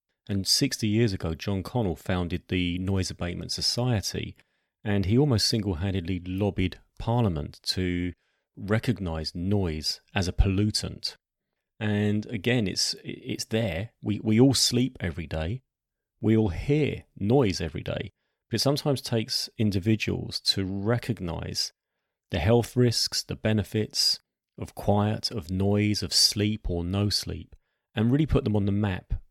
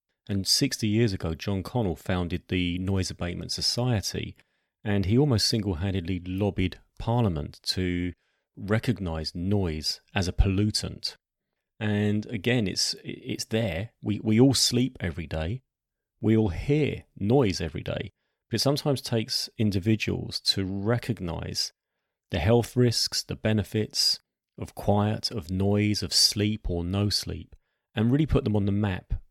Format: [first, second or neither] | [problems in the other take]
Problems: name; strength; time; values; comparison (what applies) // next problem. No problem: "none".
neither | none